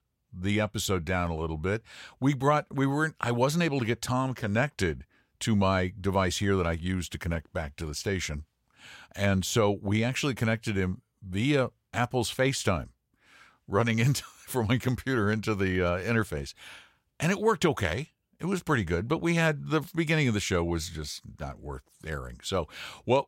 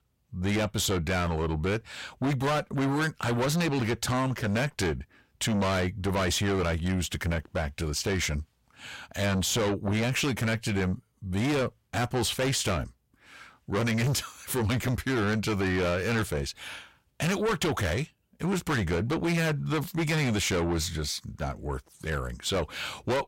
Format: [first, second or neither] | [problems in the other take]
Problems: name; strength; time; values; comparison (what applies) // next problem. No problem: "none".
first | distortion; heavy; 5 dB below the speech